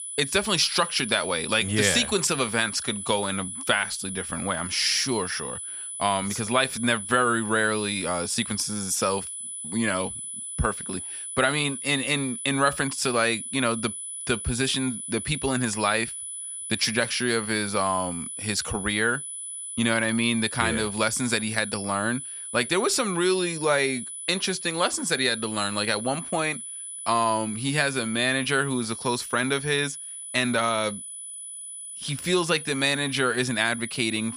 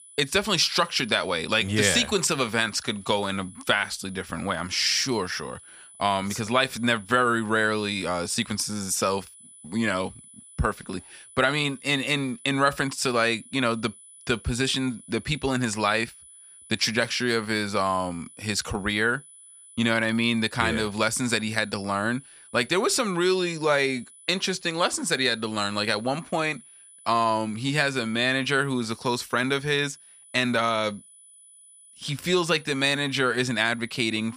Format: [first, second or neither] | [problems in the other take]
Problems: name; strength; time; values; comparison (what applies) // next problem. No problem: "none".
second | high-pitched whine; loud; throughout; 10 kHz, 8 dB below the speech; faint in the second